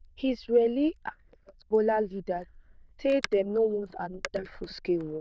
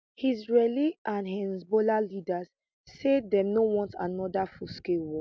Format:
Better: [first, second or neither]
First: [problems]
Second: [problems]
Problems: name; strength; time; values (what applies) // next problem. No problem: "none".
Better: second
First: noise reduction (neural diffusion model UNIVERSE++)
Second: none